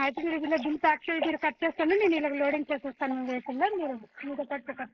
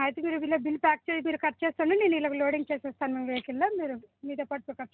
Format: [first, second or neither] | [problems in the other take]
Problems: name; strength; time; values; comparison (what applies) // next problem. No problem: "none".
second | noise reduction (neural mask model Resemble Enhance denoiser)